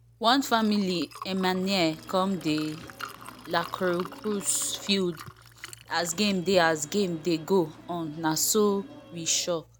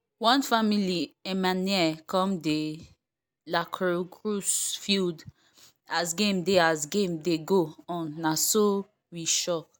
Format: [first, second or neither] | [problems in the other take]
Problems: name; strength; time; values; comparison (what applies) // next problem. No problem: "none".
second | background sound (Subway, metro, underground / Sliding door + Liquid); 18 dB below the speech